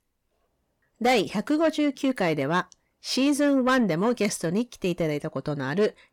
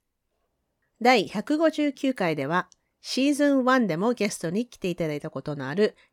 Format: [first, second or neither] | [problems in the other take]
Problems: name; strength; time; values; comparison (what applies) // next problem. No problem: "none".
second | distortion; slight; 10 dB below the speech